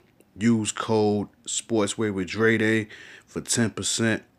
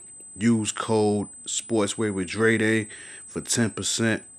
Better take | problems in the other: first | high-pitched whine; noticeable; throughout; 8 kHz, 15 dB below the speech

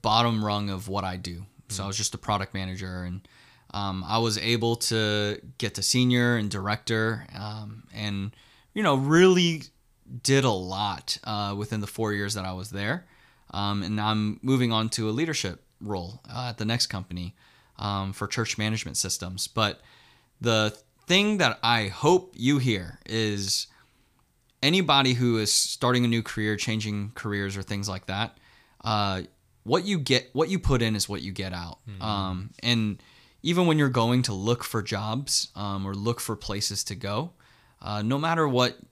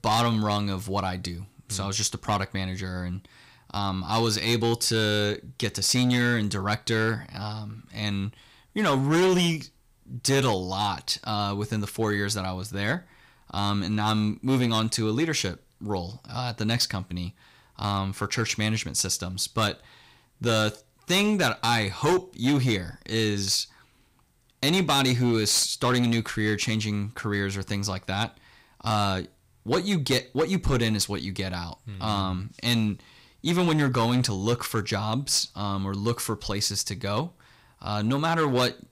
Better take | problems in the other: first | distortion; slight; 5% of the sound clipped

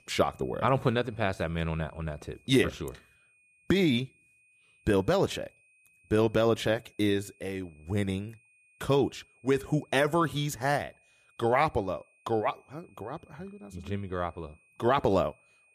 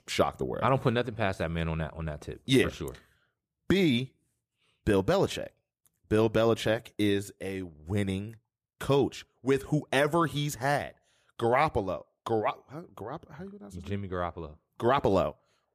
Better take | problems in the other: second | high-pitched whine; faint; throughout; 2.5 kHz, 35 dB below the speech

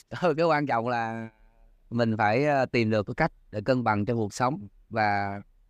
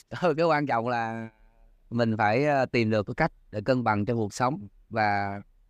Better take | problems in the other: neither | none

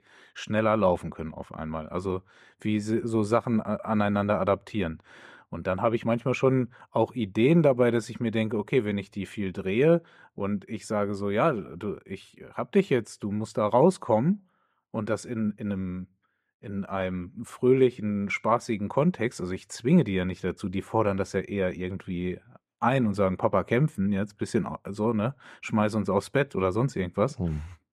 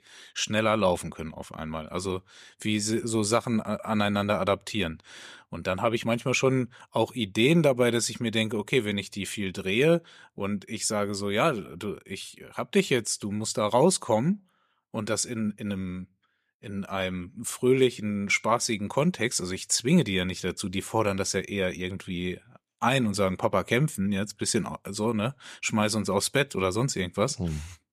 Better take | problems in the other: second | muffled; very; fading above 2.5 kHz

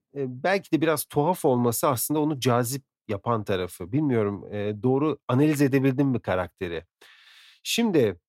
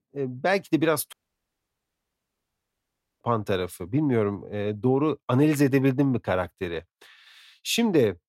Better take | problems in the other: first | audio cutting out; at 1 s for 2 s

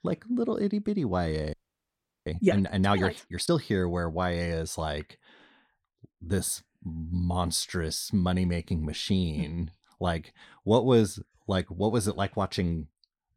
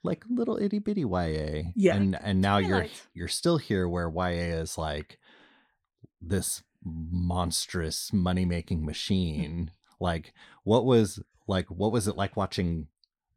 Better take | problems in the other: second | audio freezing; at 1.5 s for 0.5 s

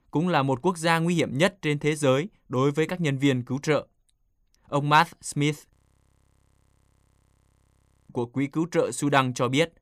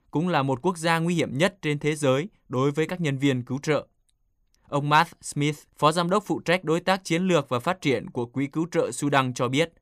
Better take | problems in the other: second | audio freezing; at 6 s for 2.5 s

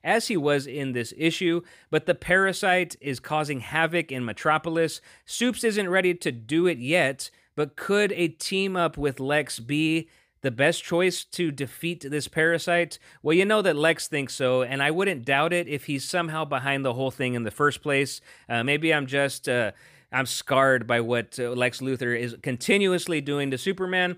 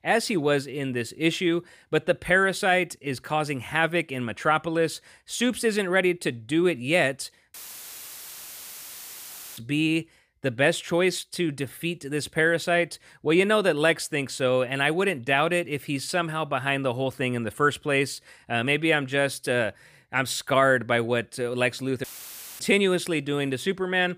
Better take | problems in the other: first | audio cutting out; filled with static; at 7.5 s for 2 s and at 22 s for 0.5 s

